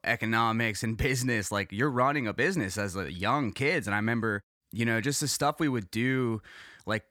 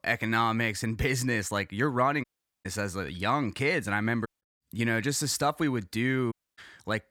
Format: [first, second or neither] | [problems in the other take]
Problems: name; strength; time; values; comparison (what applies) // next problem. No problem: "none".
first | audio cutting out; at 2 s, at 4.5 s and at 6.5 s